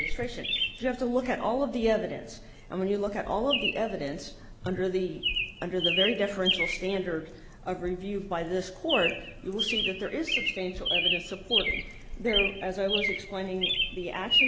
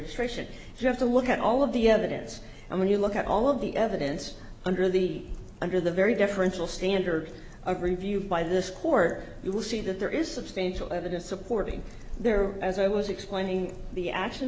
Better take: second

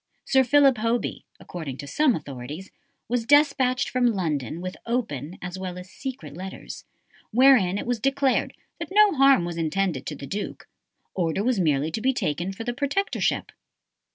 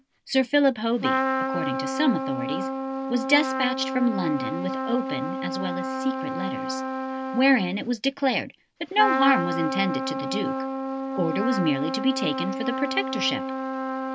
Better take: first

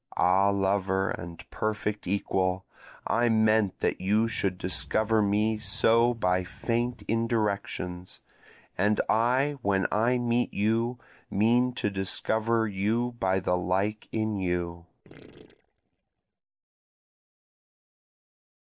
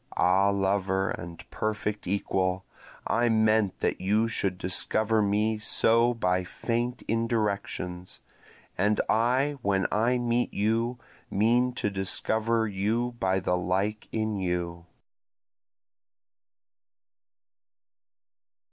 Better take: second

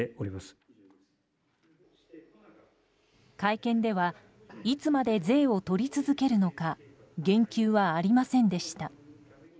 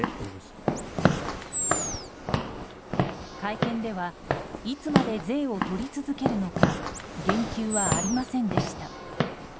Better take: first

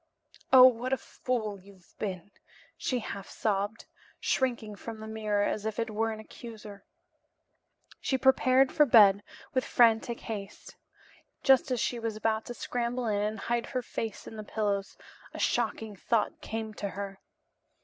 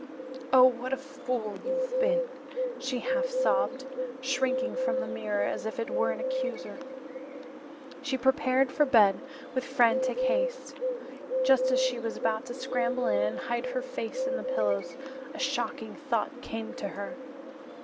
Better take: first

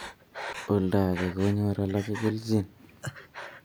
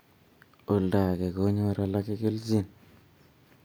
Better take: second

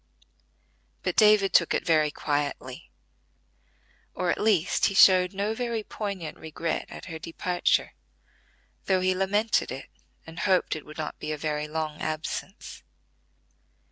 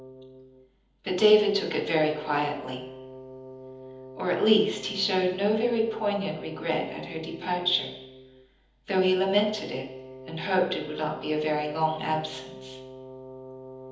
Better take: first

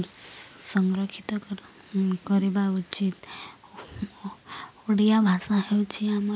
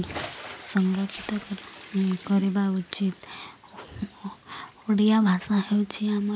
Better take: first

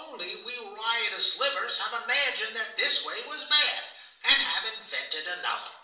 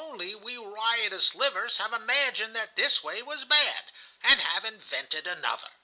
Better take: second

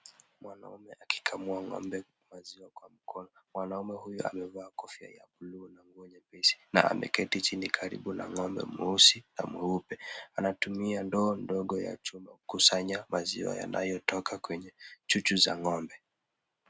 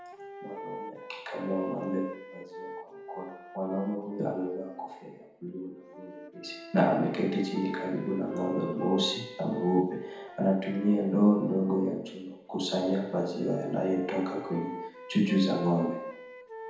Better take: first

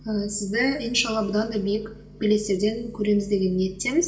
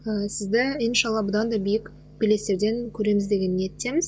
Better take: second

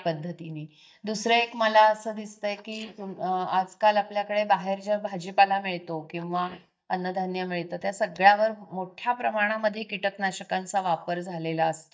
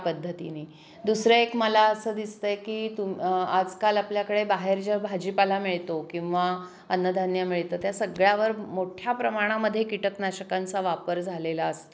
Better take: second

